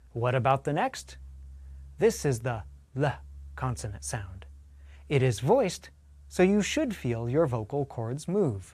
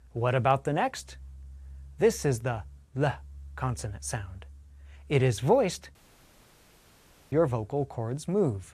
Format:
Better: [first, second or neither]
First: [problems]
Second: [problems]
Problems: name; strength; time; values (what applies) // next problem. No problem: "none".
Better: first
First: none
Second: audio cutting out; at 6 s for 1.5 s